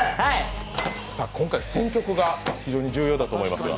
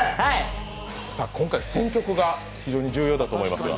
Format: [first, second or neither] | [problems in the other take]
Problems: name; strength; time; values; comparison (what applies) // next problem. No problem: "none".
second | background sound (Microwave oven); 13 dB below the speech